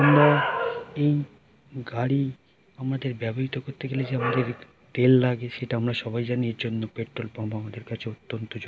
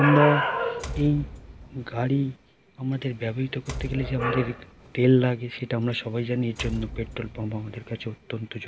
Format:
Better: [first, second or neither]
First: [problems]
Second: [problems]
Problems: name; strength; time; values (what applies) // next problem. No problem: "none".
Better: first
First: none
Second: background sound (Door); 15 dB below the speech